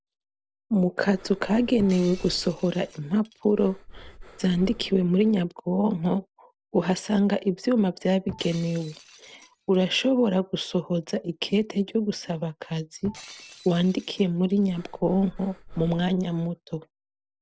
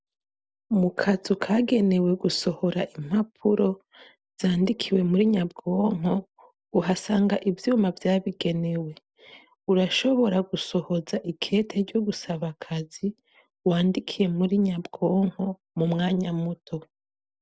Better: second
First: background sound (Shatter + Breathing); 20 dB below the speech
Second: none

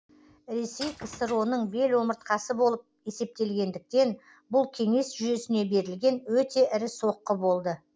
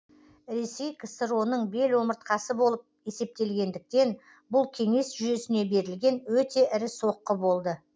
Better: second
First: background sound (Shatter / Crushing); 20 dB below the speech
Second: none

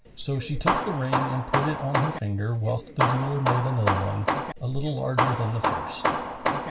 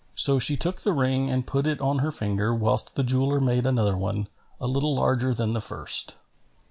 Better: second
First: background sound (Hammer); as loud as the speech // room echo; dies away in 0.2 s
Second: none

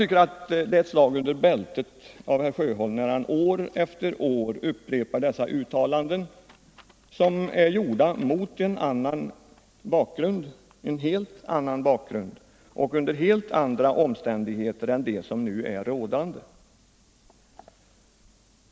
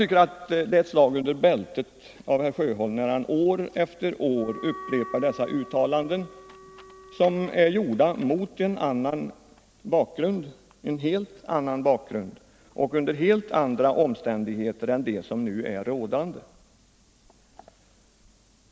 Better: first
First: none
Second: background sound (Wind instrument, woodwind instrument); 17 dB below the speech

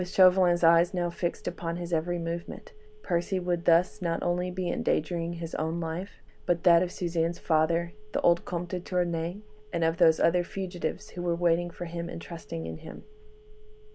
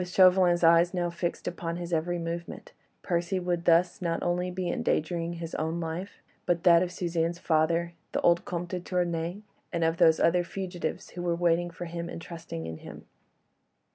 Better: second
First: background sound (Telephone); 17 dB below the speech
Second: none

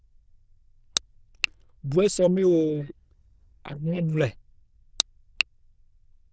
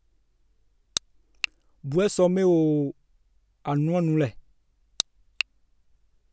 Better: second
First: noise reduction (neural diffusion model UNIVERSE++)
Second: none

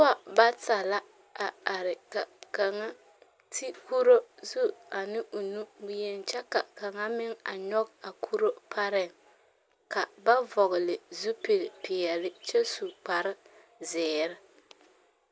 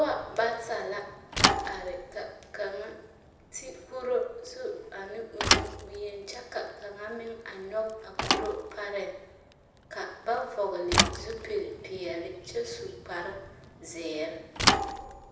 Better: first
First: none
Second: background sound (Thump, thud / Bicycle); 2 dB above the speech // room echo; dies away in 0.8 s

